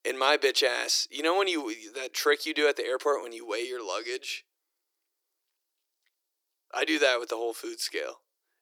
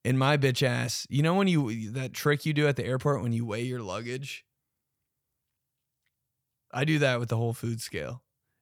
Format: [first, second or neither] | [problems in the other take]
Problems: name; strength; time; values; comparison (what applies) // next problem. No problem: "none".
second | thin; very; fading below 300 Hz